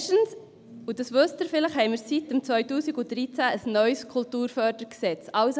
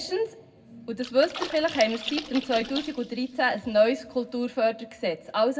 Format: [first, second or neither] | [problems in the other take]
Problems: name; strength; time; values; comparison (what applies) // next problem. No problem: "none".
first | background sound (Splash, splatter); 13 dB below the speech // room echo; dies away in 0.3 s